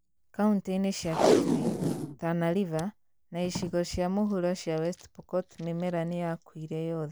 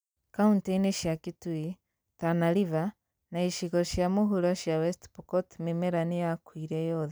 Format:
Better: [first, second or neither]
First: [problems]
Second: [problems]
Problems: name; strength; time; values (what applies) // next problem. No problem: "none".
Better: second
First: background sound (Packing tape, duct tape); 3 dB below the speech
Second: none